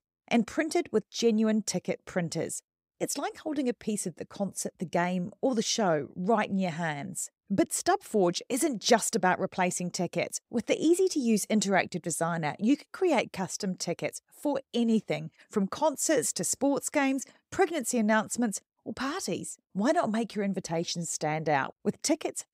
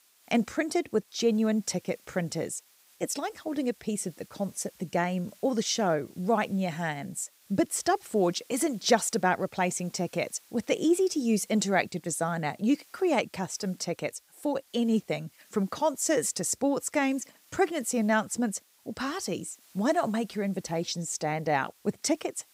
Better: first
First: none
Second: hiss; faint; throughout; 30 dB below the speech

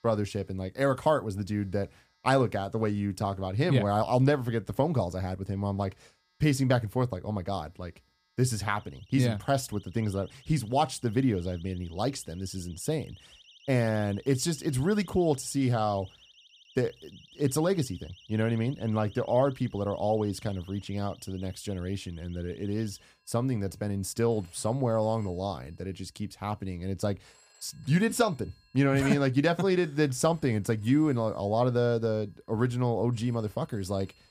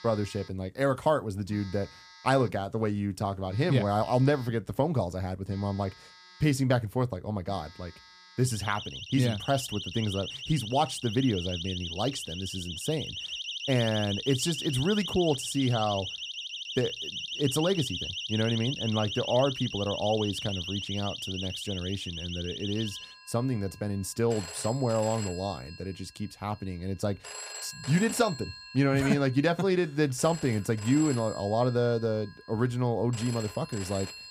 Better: first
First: alarms or sirens; faint; throughout; 25 dB below the speech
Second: alarms or sirens; loud; throughout; 7 dB below the speech

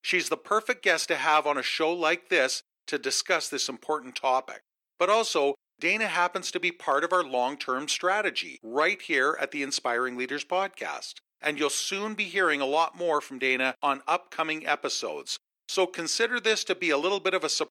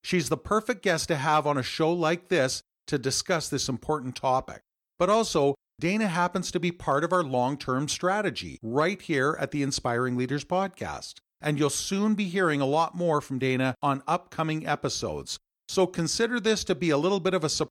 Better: second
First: thin; somewhat; fading below 350 Hz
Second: none

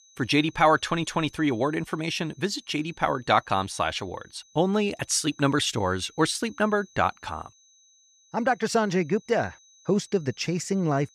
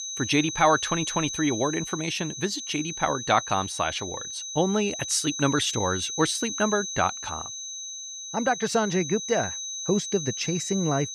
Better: first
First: high-pitched whine; faint; throughout; 6 kHz, 30 dB below the speech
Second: high-pitched whine; loud; throughout; 6 kHz, 6 dB below the speech

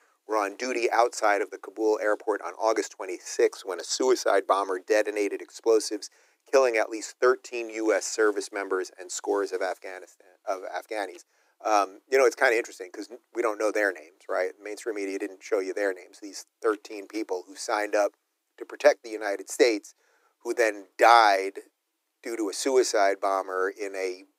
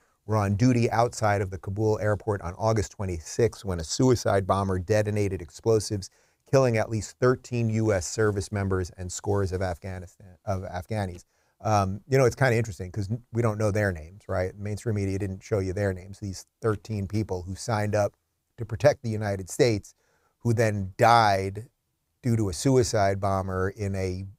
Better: second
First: thin; very; fading below 300 Hz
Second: none

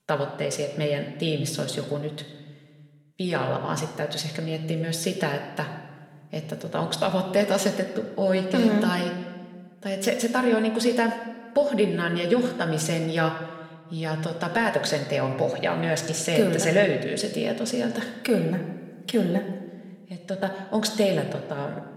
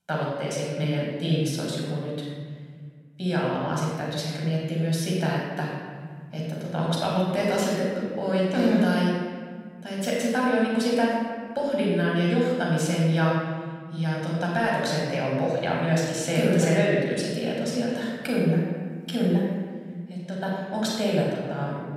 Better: first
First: room echo; slight; dies away in 1 s // off-mic speech; somewhat distant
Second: room echo; strong; dies away in 1.9 s // off-mic speech; far

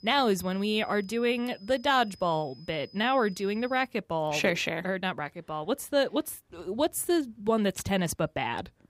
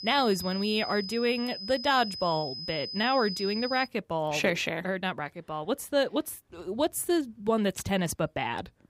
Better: first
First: high-pitched whine; faint; until 4 s; 5 kHz, 25 dB below the speech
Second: high-pitched whine; loud; until 4 s; 5 kHz, 7 dB below the speech

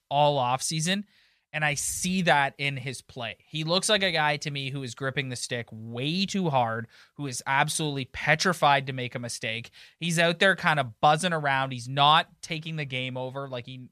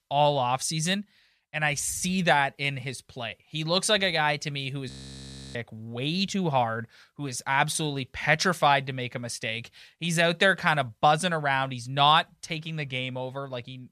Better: first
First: none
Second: audio freezing; at 5 s for 0.5 s

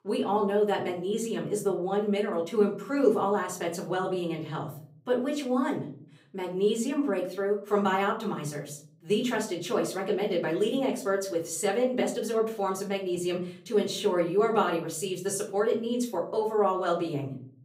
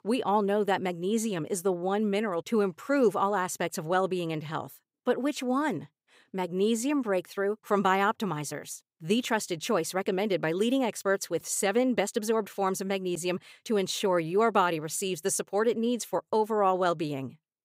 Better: second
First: off-mic speech; far // room echo; slight; dies away in 0.5 s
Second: none

